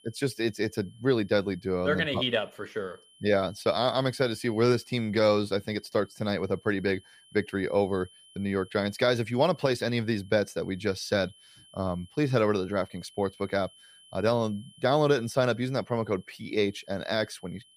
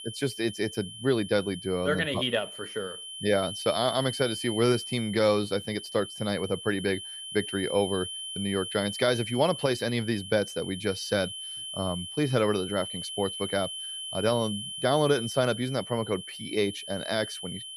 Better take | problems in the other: first | high-pitched whine; loud; throughout; 3 kHz, 8 dB below the speech; faint in the first

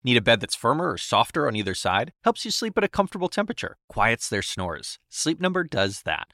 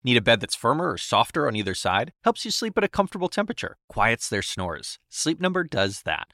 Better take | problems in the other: neither | none

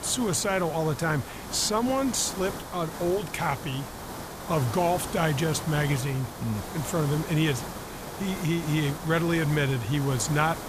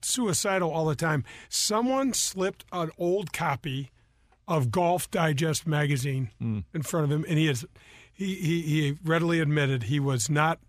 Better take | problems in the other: second | hiss; loud; throughout; 10 dB below the speech

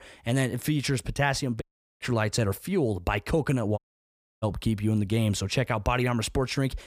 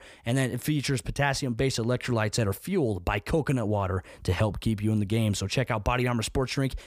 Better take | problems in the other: second | audio cutting out; at 1.5 s and at 4 s for 0.5 s

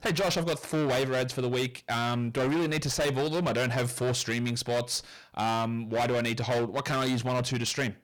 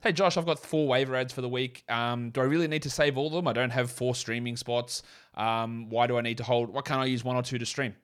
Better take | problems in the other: second | distortion; heavy; 23% of the sound clipped

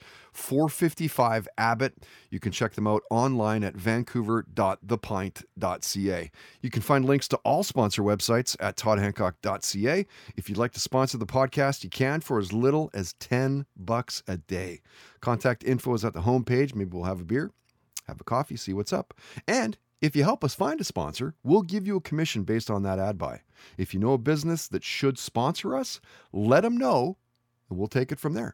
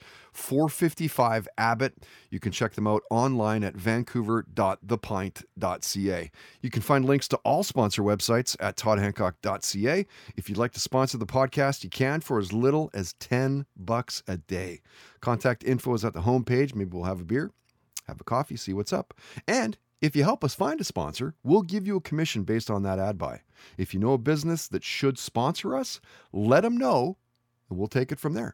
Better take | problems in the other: neither | none

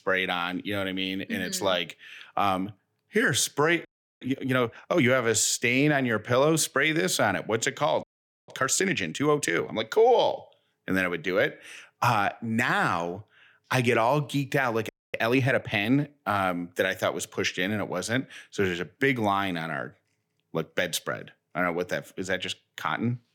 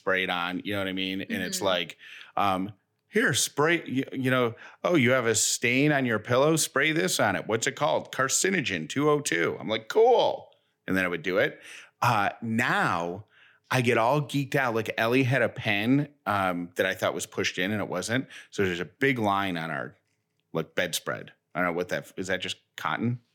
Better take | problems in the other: second | audio freezing; at 4 s, at 8 s and at 15 s

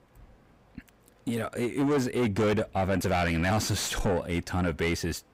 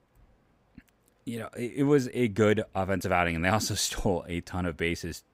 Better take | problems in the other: second | distortion; heavy; 6 dB below the speech

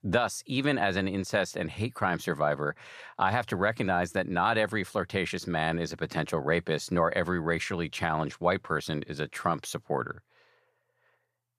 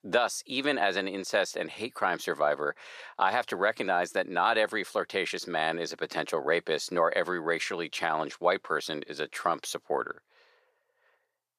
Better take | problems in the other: first | thin; somewhat; fading below 400 Hz

